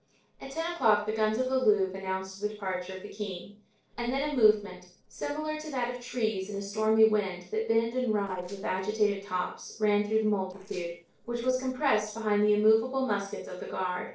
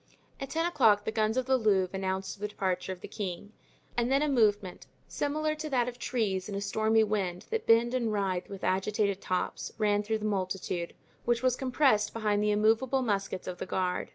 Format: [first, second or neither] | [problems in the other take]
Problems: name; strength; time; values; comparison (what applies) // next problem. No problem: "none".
second | noise reduction (neural separator model SepFormer DNS4)